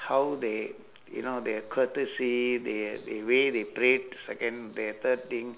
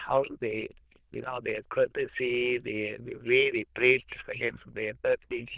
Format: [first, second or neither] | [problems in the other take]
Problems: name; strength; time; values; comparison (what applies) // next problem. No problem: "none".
first | noise reduction (neural diffusion model UNIVERSE++)